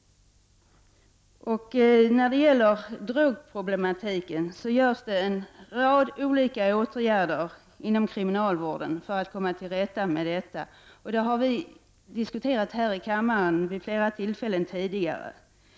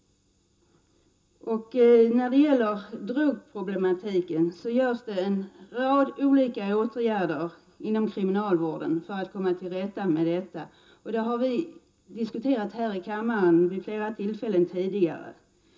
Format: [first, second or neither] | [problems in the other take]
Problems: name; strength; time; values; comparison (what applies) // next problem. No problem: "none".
first | room echo; dies away in 0.2 s